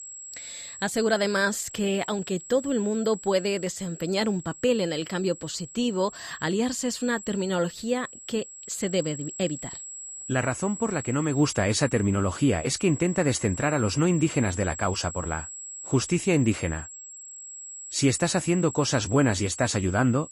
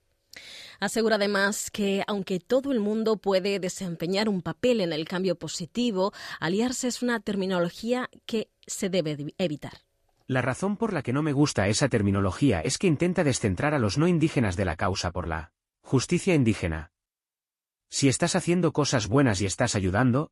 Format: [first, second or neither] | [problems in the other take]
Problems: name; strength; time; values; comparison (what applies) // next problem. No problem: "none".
second | high-pitched whine; noticeable; throughout; 7.5 kHz, 10 dB below the speech